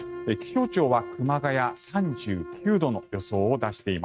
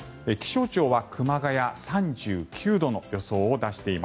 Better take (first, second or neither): second